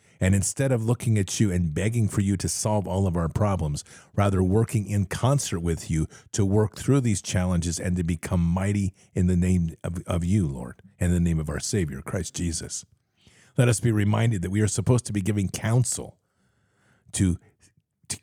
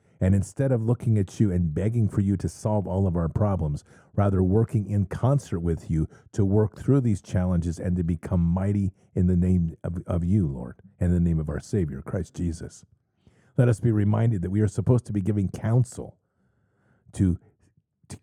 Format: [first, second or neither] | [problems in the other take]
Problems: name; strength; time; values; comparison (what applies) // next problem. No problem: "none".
first | muffled; slightly; fading above 1 kHz